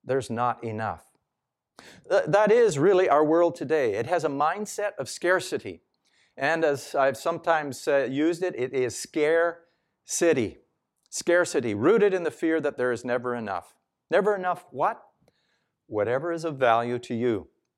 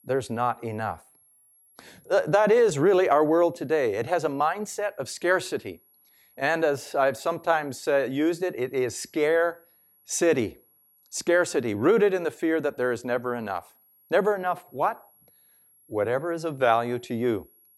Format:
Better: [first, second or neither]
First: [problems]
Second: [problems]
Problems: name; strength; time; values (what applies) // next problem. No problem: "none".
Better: first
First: none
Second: high-pitched whine; faint; throughout; 11.5 kHz, 35 dB below the speech